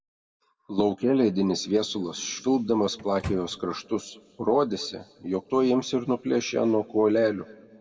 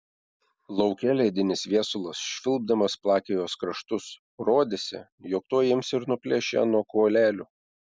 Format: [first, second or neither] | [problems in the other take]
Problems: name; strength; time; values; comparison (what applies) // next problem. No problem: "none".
second | background sound (Microwave oven); 12 dB below the speech // room echo; dies away in 1.5 s